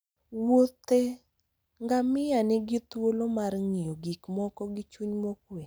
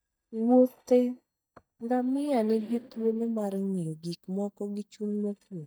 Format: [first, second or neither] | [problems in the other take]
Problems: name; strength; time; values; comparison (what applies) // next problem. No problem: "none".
first | noise reduction (neural mask model DeepFilterNet 3)